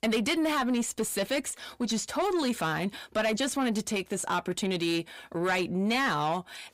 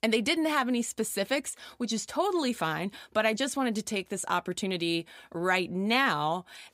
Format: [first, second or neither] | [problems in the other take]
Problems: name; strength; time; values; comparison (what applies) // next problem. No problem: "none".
second | distortion; slight; 10 dB below the speech